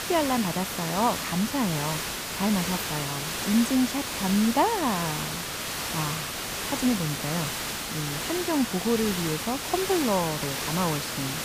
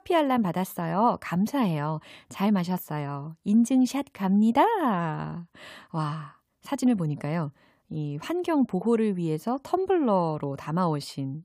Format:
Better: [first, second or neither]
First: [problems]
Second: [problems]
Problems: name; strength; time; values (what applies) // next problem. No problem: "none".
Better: second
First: hiss; loud; throughout; 2 dB below the speech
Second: none